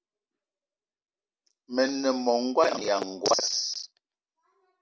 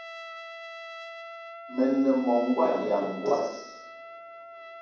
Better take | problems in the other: first | background sound (Trumpet); 13 dB below the speech // room echo; dies away in 1.2 s

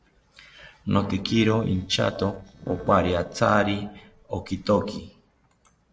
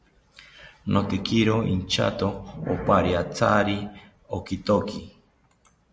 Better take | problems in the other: second | noise reduction (neural separator model SepFormer DNS4)

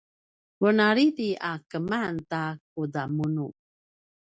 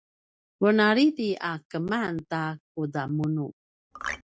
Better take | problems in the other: first | noise reduction (neural mask model DeepFilterNet 3)

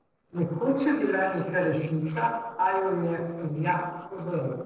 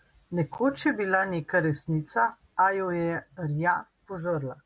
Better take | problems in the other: second | noise reduction (neural separator model SepFormer DNS4)

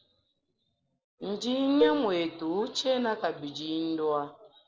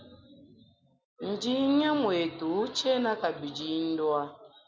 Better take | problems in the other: second | noise reduction (neural separator model SepFormer DNS4)

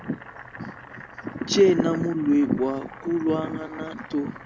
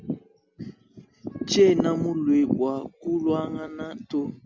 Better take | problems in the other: second | background sound (Boiling); 17 dB below the speech

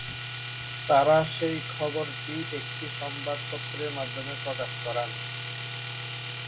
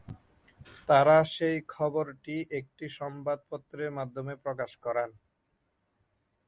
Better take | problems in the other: second | background sound (Domestic sounds, home sounds); 5 dB below the speech // room echo; dies away in 0.1 s

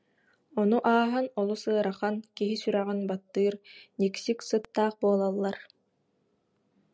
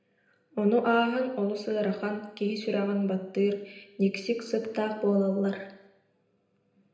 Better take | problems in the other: first | room echo; dies away in 0.8 s

